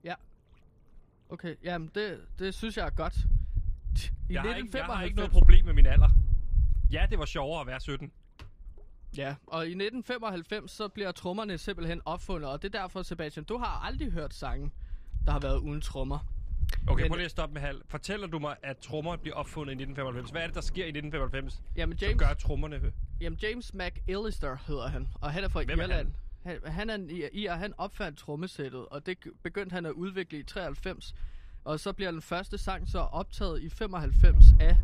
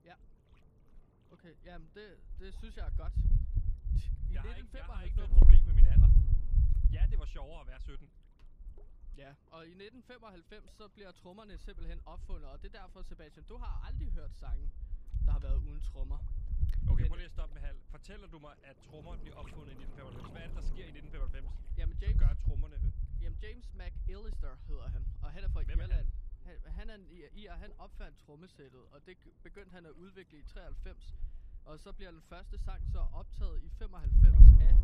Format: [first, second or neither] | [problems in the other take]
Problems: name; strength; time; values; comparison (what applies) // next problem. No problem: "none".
first | wind noise on the microphone; heavy; 3 dB above the speech; occasional gusts in the first